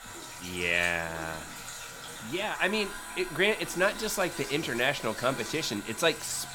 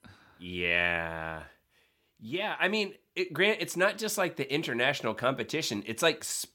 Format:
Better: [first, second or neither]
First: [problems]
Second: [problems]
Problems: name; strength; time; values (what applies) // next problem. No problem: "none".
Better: second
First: household noises; noticeable; throughout; 10 dB below the speech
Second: none